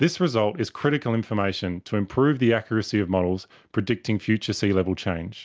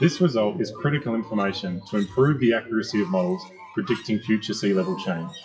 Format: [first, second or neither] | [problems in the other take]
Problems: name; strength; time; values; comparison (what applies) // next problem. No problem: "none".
first | noise reduction (classical method WPE with log-MMSE)